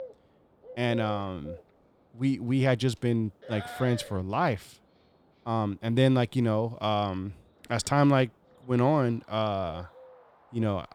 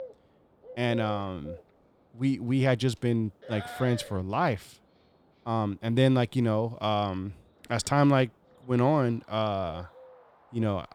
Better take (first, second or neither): neither